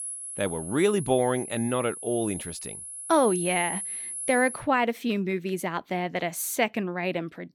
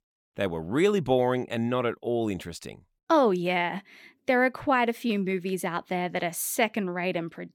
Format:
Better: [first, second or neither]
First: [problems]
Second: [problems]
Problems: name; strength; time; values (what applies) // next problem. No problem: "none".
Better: second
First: high-pitched whine; loud; until 4.5 s; 10.5 kHz, 7 dB below the speech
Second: none